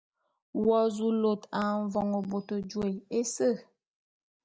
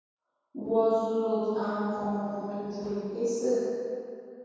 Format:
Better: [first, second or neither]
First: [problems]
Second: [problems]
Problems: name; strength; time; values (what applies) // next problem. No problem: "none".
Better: first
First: none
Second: room echo; dies away in 2.2 s